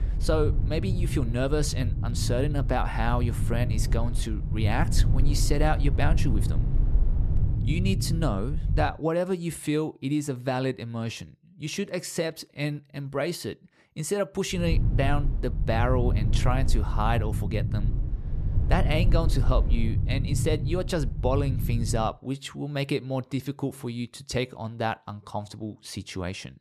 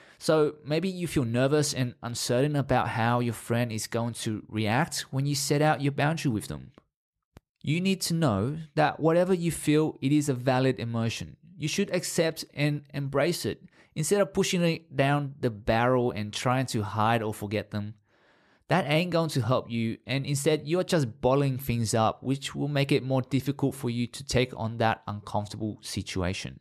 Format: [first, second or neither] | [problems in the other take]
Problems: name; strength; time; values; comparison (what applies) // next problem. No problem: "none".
second | low rumble; noticeable; until 9 s and from 15 to 22 s; 10 dB below the speech